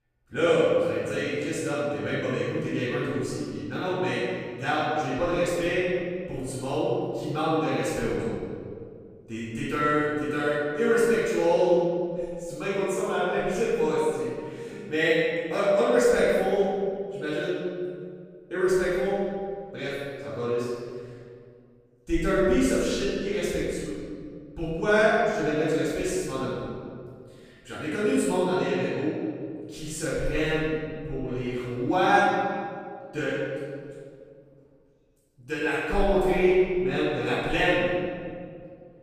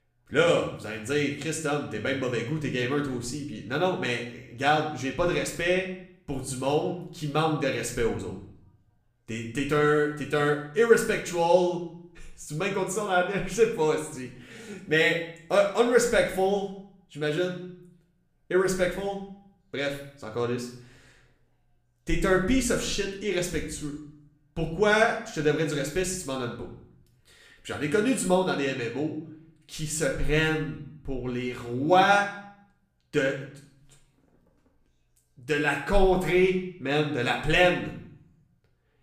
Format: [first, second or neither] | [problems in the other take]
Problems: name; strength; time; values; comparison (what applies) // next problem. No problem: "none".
second | room echo; strong; dies away in 1.9 s; slight in the second // off-mic speech; far; somewhat distant in the second